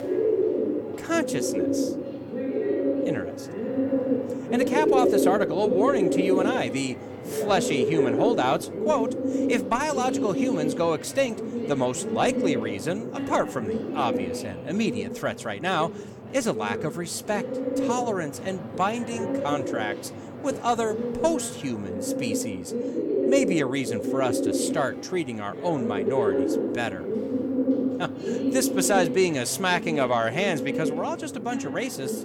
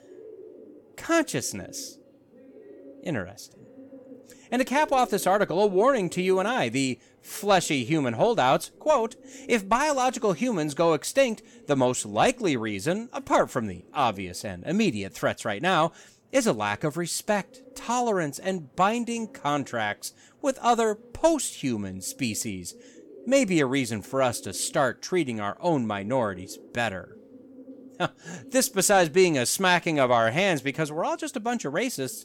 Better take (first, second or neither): second